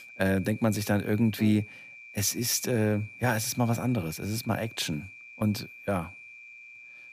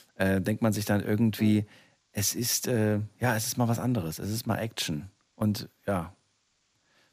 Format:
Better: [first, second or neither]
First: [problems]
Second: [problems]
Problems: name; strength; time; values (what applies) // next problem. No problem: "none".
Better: second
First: high-pitched whine; noticeable; throughout; 2.5 kHz, 15 dB below the speech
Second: none